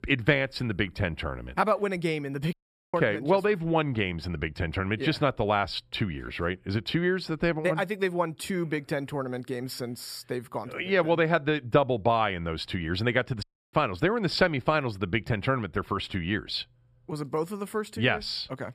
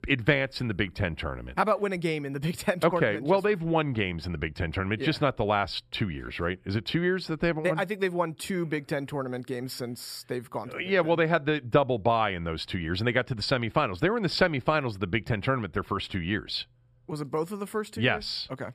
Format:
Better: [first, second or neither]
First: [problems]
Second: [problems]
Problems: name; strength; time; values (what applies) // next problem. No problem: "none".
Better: second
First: audio cutting out; at 2.5 s and at 13 s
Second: none